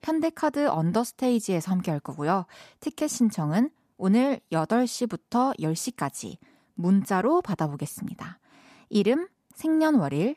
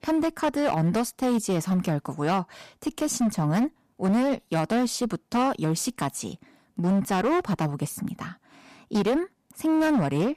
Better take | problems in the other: first | distortion; slight; 15% of the sound clipped

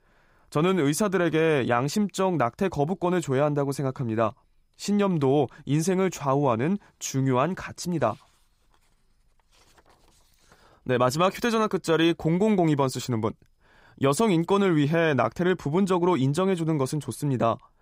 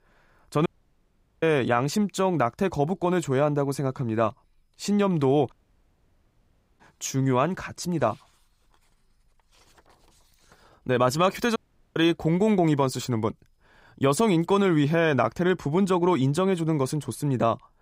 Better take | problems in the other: first | audio cutting out; at 0.5 s for 1 s, at 5.5 s for 1.5 s and at 12 s

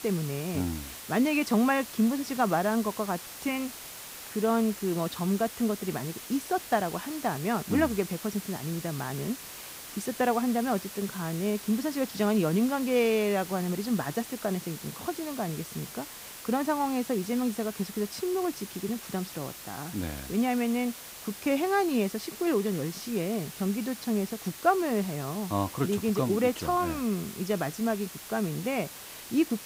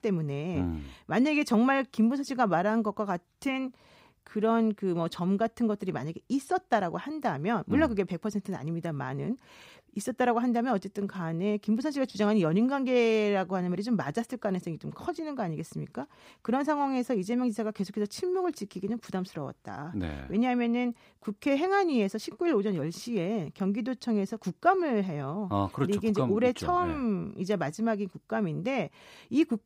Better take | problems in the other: second | hiss; noticeable; throughout; 10 dB below the speech

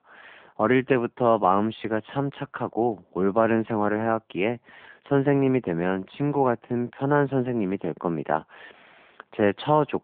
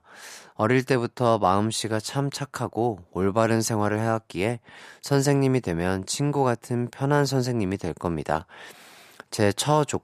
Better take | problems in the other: second | phone-call audio

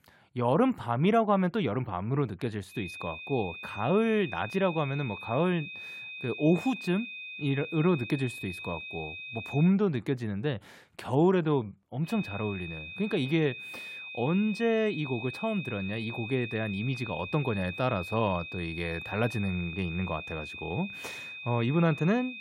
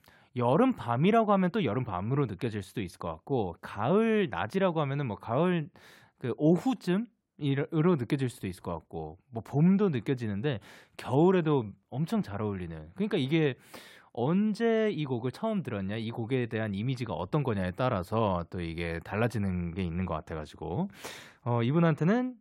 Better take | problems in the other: second | high-pitched whine; loud; from 2.5 to 9.5 s and from 12 s on; 2.5 kHz, 9 dB below the speech

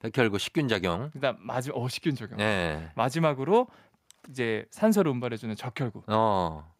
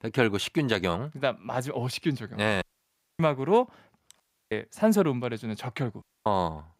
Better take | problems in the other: first | audio cutting out; at 2.5 s for 0.5 s, at 4 s and at 6 s

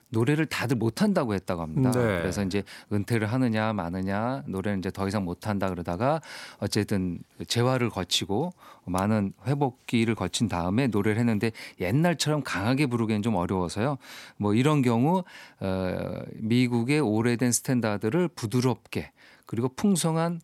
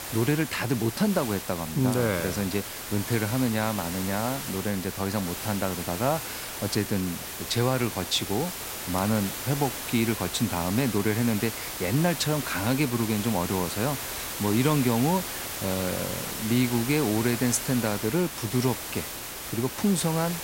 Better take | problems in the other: first | hiss; loud; throughout; 6 dB below the speech

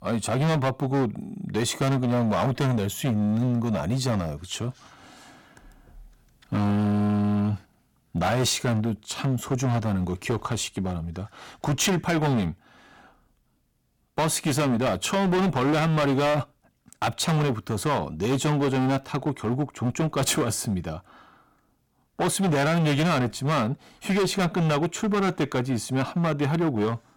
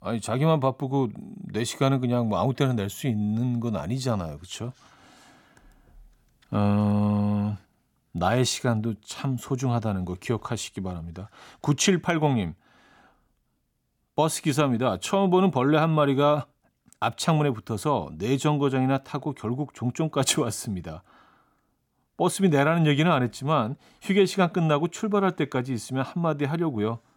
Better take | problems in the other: second | distortion; heavy; 18% of the sound clipped

